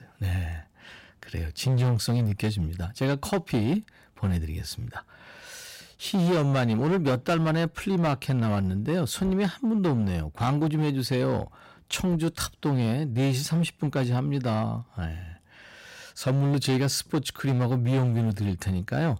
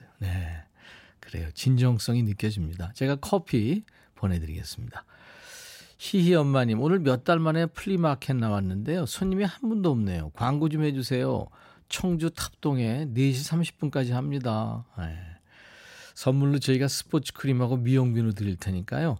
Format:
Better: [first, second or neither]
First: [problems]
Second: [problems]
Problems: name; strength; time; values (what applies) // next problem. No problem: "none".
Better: second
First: distortion; slight; 12% of the sound clipped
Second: none